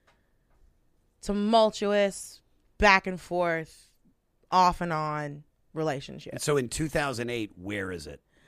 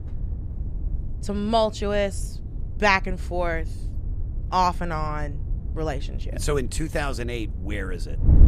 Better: first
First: none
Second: wind noise on the microphone; occasional gusts; 20 dB below the speech

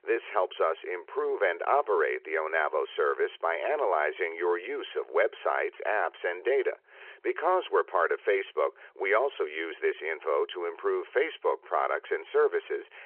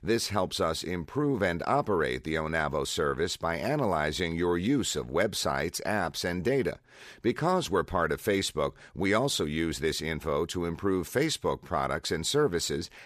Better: second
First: phone-call audio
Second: none

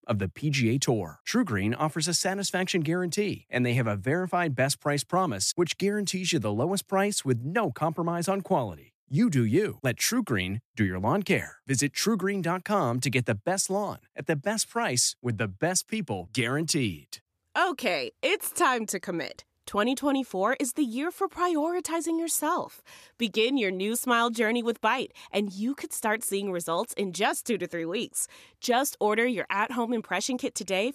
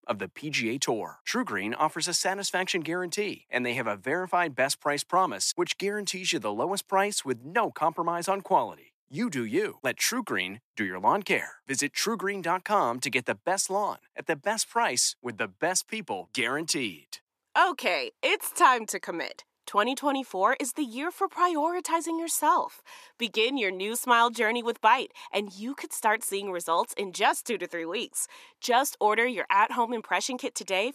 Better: first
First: none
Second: thin; somewhat; fading below 300 Hz

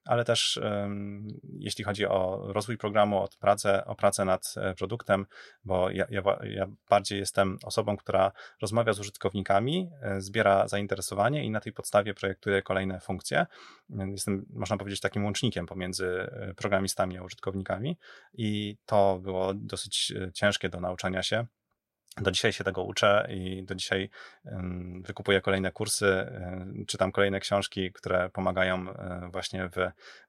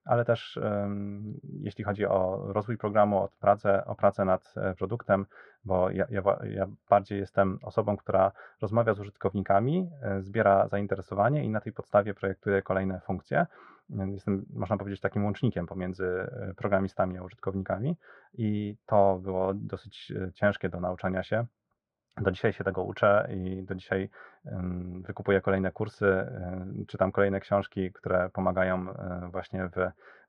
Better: first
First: none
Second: muffled; very; fading above 1 kHz

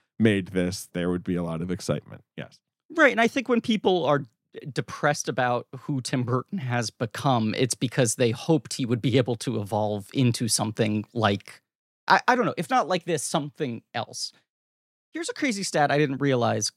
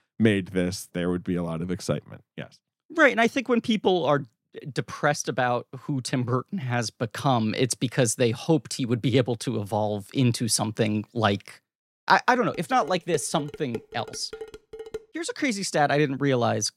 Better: first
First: none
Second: clattering dishes; faint; from 13 to 15 s; peak 10 dB below the speech

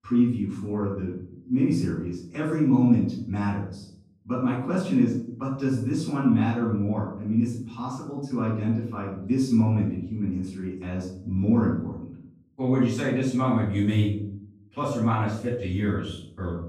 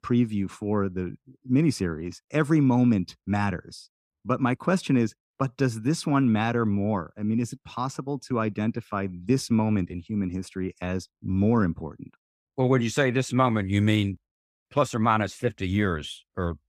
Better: second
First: off-mic speech; far // room echo; noticeable; dies away in 0.6 s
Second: none

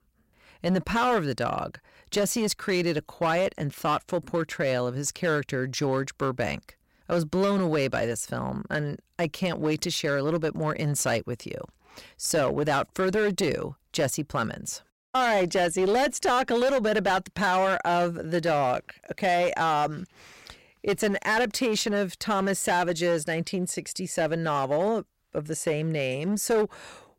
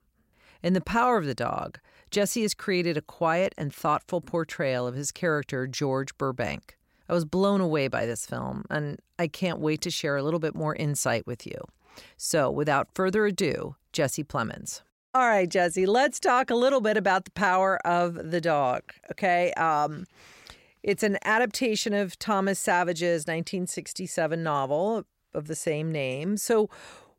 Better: second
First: distortion; slight; 9% of the sound clipped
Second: none

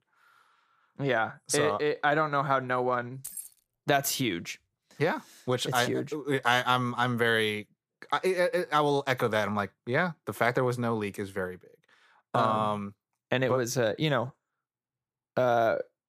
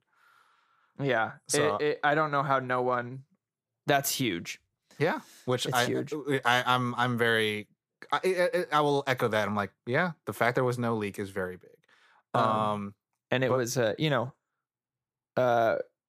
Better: second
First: jangling keys; faint; at 3 s; peak 10 dB below the speech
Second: none

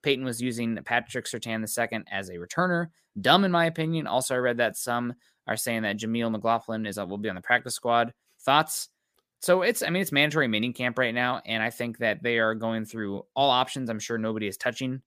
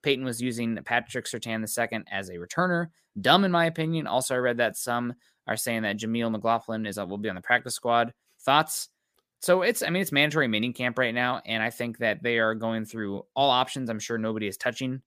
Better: neither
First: none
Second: none

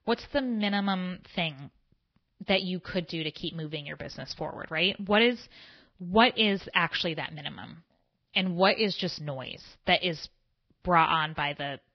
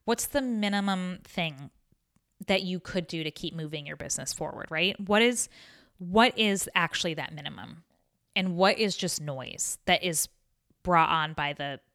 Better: second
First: garbled, watery; badly; nothing above 5.5 kHz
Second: none

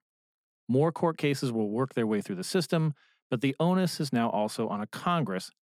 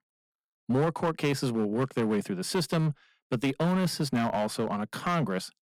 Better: first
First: none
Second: distortion; slight; 10% of the sound clipped

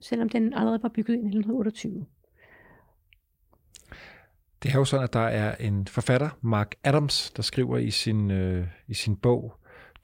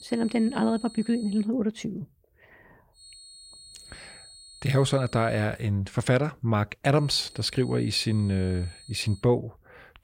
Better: first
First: none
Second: high-pitched whine; faint; until 1.5 s, from 3 to 5.5 s and from 7 to 9 s; 4.5 kHz, 20 dB below the speech

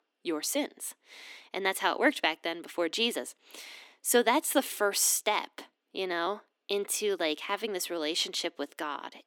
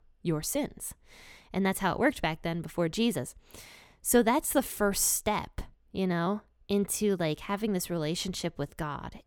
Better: second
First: thin; somewhat; fading below 300 Hz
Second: none

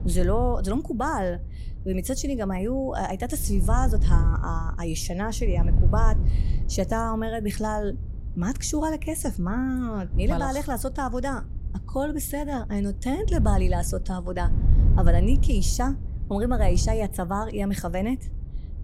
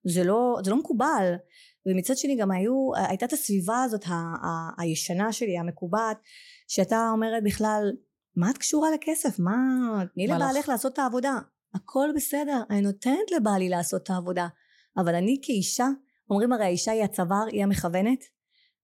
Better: second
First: wind noise on the microphone; occasional gusts; 15 dB below the speech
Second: none

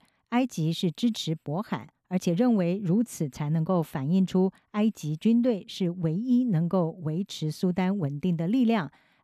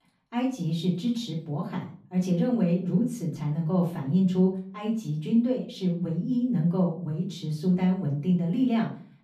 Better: first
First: none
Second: room echo; slight; dies away in 0.4 s // off-mic speech; far

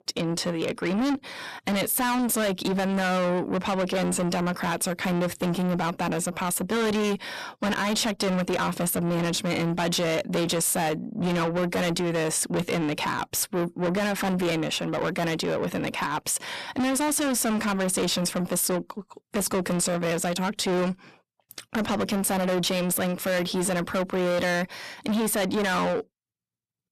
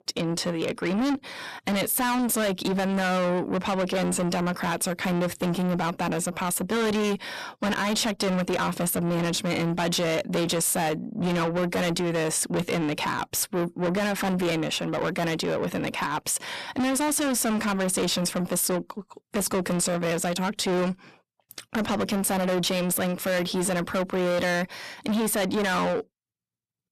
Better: neither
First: distortion; heavy; 6 dB below the speech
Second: distortion; heavy; 6 dB below the speech

